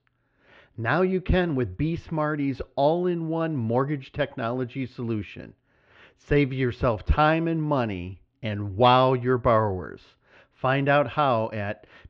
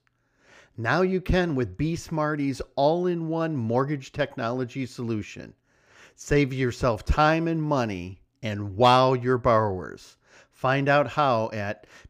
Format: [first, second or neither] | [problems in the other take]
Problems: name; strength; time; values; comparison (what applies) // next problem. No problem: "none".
second | muffled; slightly; fading above 3.5 kHz